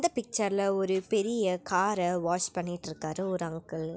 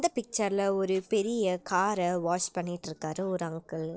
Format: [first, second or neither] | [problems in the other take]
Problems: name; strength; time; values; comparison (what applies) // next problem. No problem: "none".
first | noise reduction (neural separator model SepFormer DNS4)